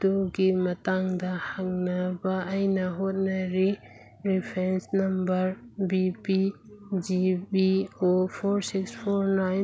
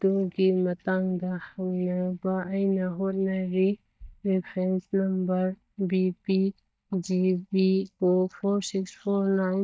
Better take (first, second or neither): first